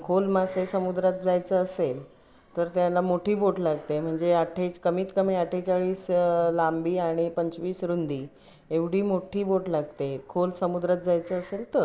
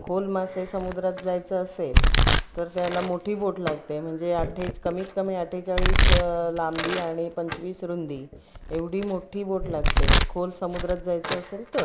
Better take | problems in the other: first | background sound (Domestic sounds, home sounds); 3 dB above the speech

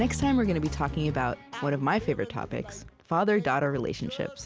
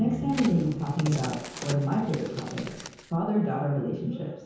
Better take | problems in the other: first | background sound (Crack); 13 dB below the speech // room echo; dies away in 0.9 s

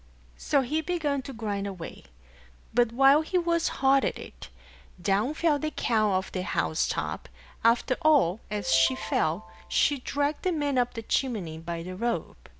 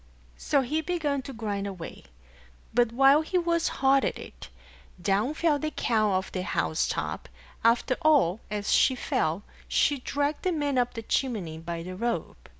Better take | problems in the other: second | background sound (Ringtone); 17 dB below the speech

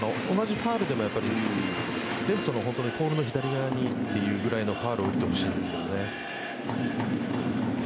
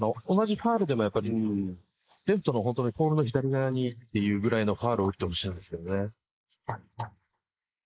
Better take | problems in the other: first | noise reduction (neural mask model Resemble Enhance denoiser)

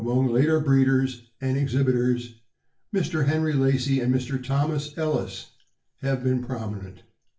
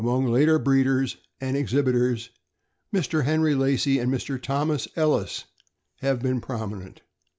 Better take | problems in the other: second | room echo; dies away in 0.3 s

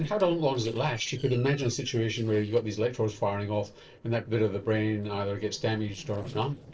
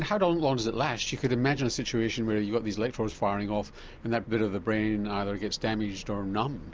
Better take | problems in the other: second | noise reduction (neural separator model SepFormer DNS4)

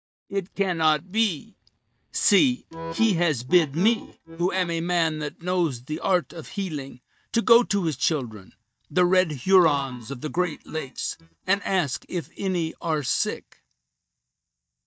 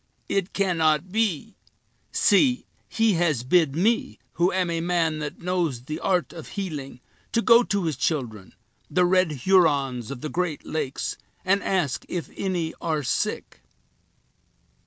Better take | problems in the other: second | noise reduction (neural mask model DeepFilterNet 3)

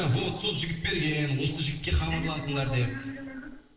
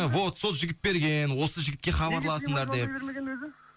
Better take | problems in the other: second | noise reduction (neural separator model SepFormer DNS4)

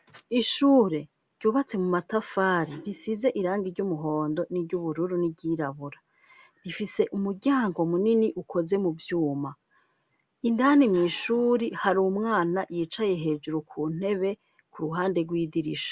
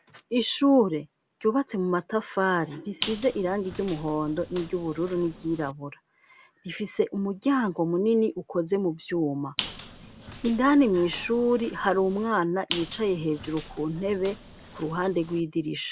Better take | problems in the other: first | background sound (Squeak); 14 dB below the speech

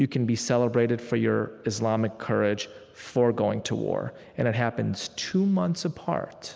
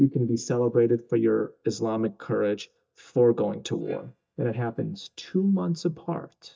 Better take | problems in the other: first | noise reduction (neural mask model DeepFilterNet 3)

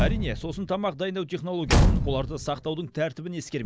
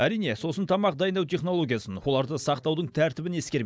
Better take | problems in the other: second | background sound (Slam / Truck / Car); 3 dB above the speech

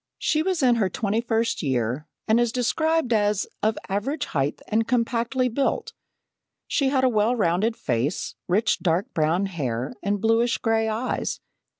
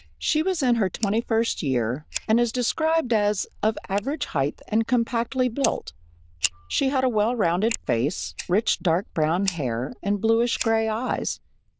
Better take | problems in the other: first | noise reduction (neural diffusion model UNIVERSE++)

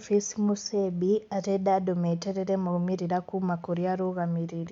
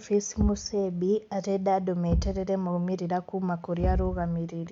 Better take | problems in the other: first | background sound (Thump, thud); 6 dB below the speech

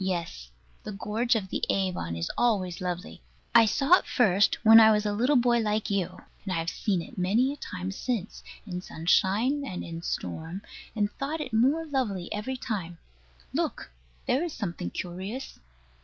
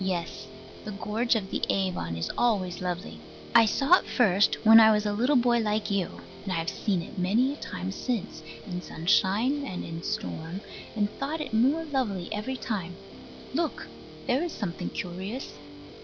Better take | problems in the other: first | background sound (Guitar); 16 dB below the speech

